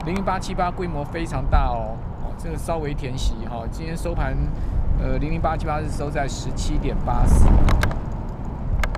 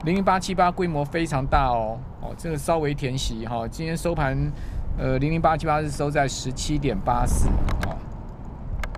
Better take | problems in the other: second | wind noise on the microphone; heavy; 6 dB below the speech; occasional gusts in the second

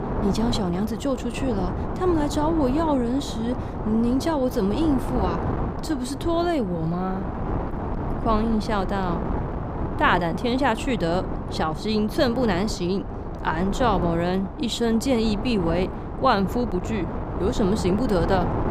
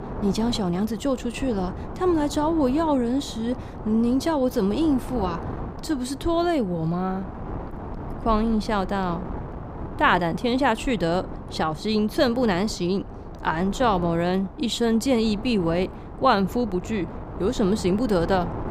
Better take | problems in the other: second | wind noise on the microphone; heavy; 7 dB below the speech; occasional gusts in the second

